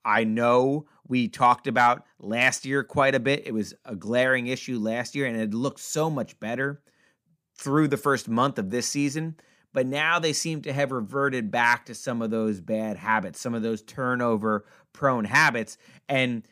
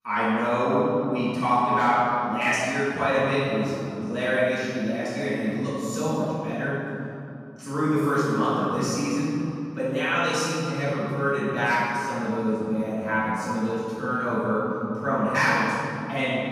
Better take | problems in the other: first | off-mic speech; far // room echo; strong; dies away in 2.7 s

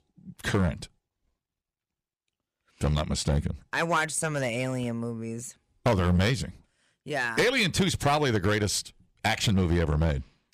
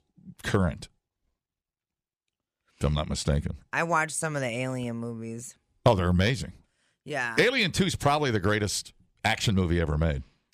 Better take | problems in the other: second | distortion; slight; 5% of the sound clipped

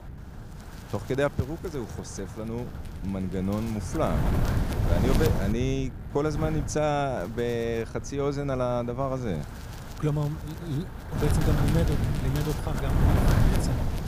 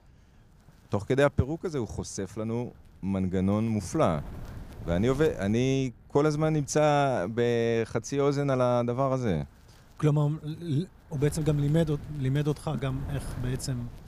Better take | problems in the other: second | wind noise on the microphone; heavy; 5 dB below the speech; occasional gusts in the second

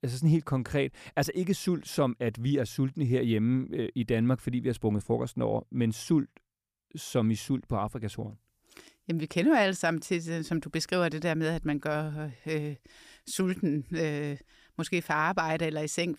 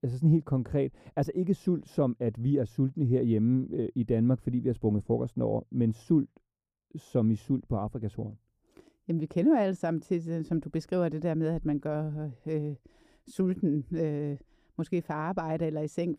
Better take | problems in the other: first | muffled; slightly; fading above 1 kHz

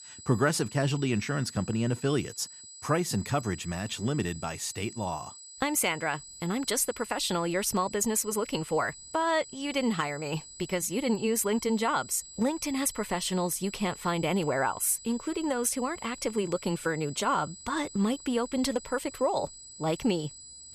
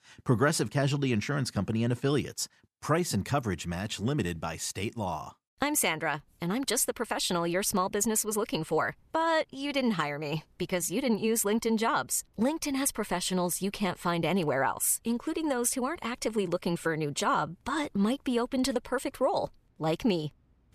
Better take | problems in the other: second | high-pitched whine; noticeable; throughout; 8 kHz, 15 dB below the speech

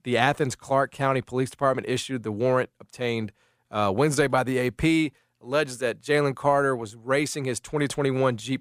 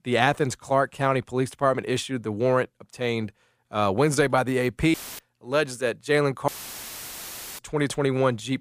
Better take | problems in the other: first | audio cutting out; filled with static; at 5 s and at 6.5 s for 1 s

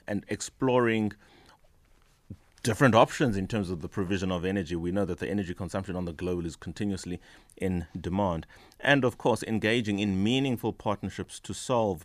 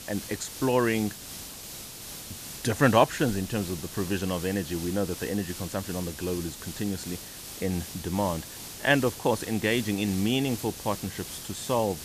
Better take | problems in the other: first | hiss; loud; throughout; 10 dB below the speech

